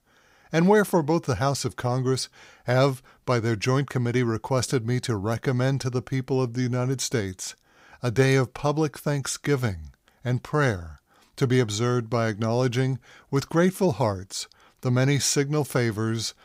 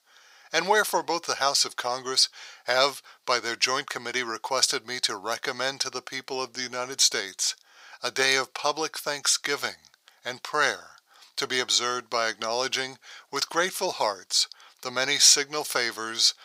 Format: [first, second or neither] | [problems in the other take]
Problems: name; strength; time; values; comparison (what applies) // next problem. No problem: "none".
first | thin; very; fading below 750 Hz